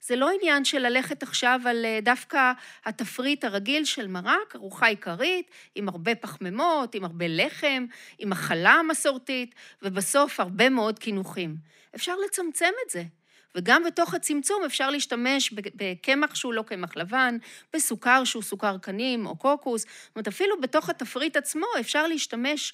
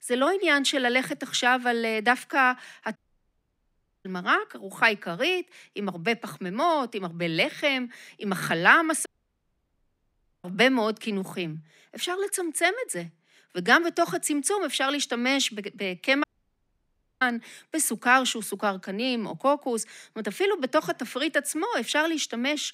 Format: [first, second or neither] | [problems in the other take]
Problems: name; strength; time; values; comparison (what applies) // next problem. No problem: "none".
first | audio cutting out; at 3 s for 1 s, at 9 s for 1.5 s and at 16 s for 1 s